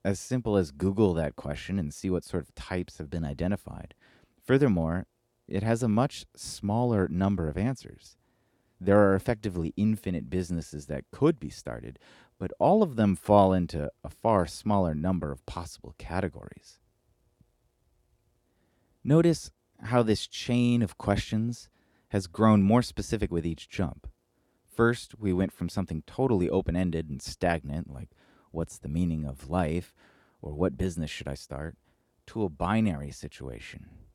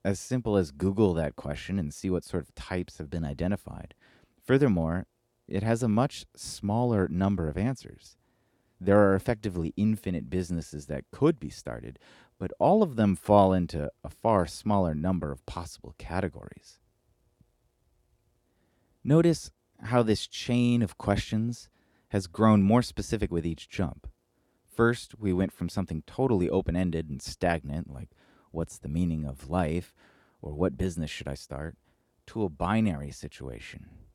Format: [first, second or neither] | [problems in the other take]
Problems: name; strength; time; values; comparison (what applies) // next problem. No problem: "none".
neither | none